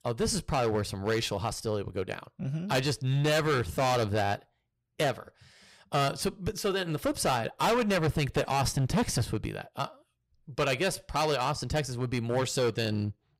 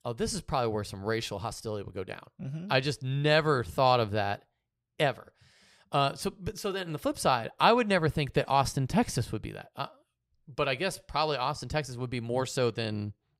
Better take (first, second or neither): second